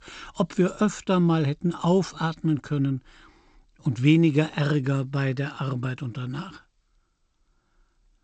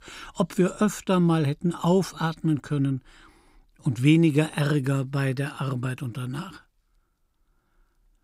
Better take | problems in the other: second | garbled, watery; slightly; nothing above 7.5 kHz

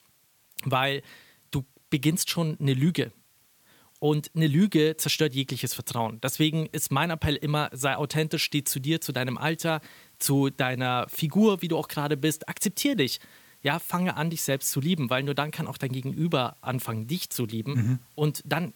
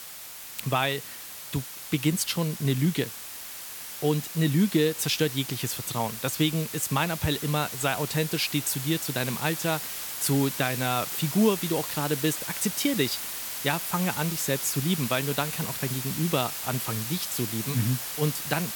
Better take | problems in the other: first | hiss; loud; throughout; 5 dB below the speech; faint in the first

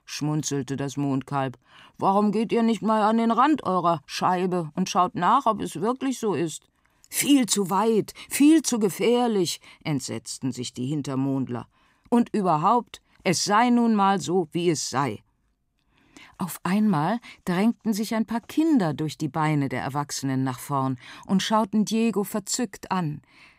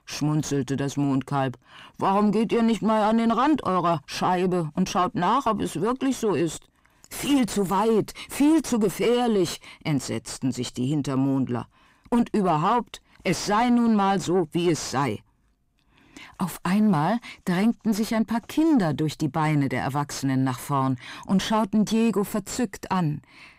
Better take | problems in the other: first | distortion; slight; 9 dB below the speech

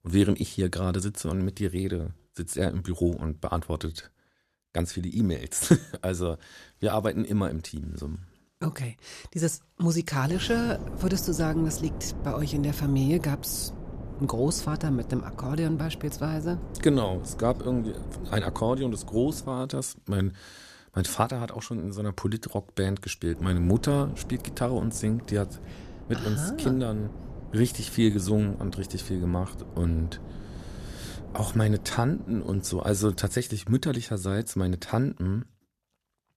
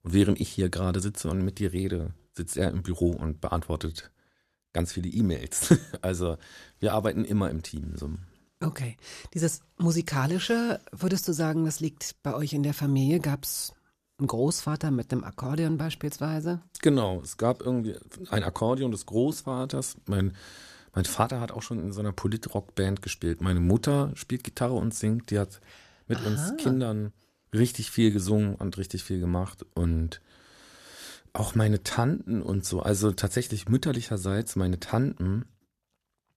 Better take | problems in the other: second | wind noise on the microphone; occasional gusts; from 10 to 19 s and from 23 to 33 s; 15 dB below the speech

